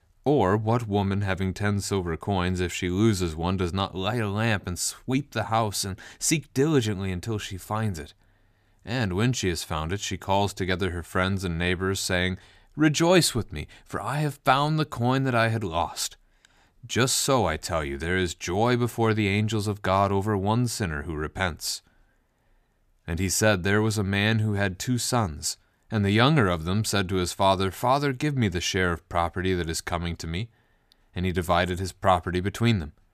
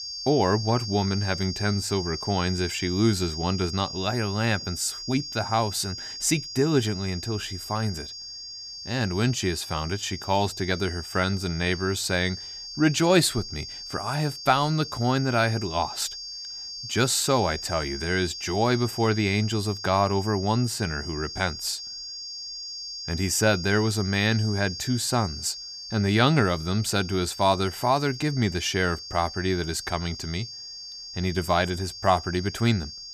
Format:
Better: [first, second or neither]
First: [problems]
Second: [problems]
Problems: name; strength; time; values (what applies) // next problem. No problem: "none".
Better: first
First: none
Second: high-pitched whine; loud; throughout; 5 kHz, 9 dB below the speech